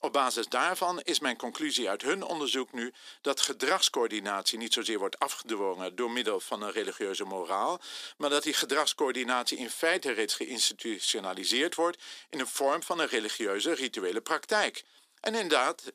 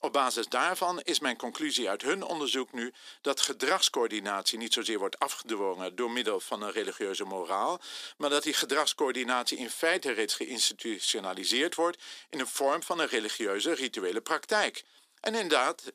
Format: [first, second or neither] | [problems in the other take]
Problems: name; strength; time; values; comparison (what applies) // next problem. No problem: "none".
neither | thin; somewhat; fading below 250 Hz; the same in both